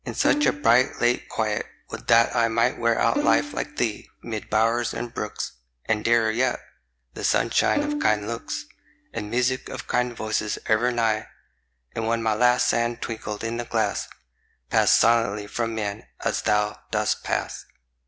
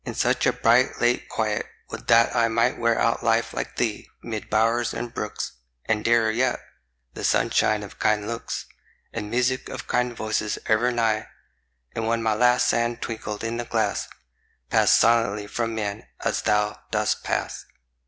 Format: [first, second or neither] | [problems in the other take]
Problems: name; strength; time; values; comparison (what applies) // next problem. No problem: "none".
second | background sound (Bowed string instrument); 8 dB below the speech